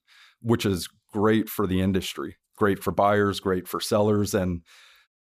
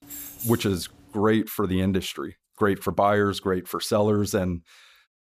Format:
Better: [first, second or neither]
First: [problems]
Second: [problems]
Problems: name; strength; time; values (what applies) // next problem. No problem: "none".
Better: first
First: none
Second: jangling keys; noticeable; at the start; peak 8 dB below the speech